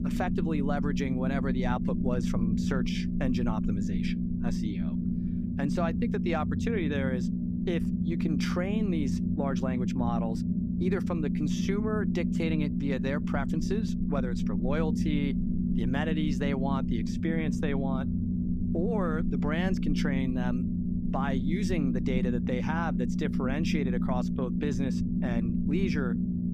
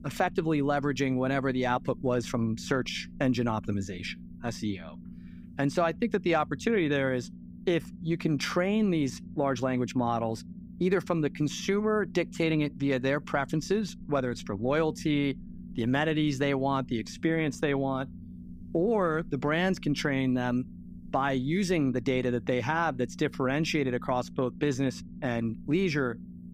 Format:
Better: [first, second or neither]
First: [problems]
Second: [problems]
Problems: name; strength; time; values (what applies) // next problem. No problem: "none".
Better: second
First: low rumble; loud; throughout; 2 dB below the speech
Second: low rumble; faint; throughout; 20 dB below the speech